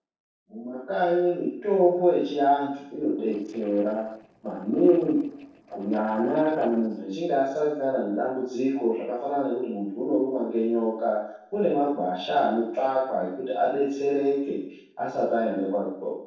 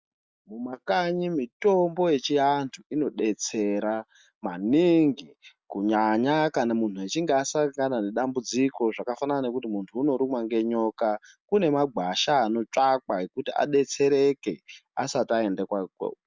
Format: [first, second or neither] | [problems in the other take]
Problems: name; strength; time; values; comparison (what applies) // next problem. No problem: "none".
second | noise reduction (neural separator model SepFormer DNS4)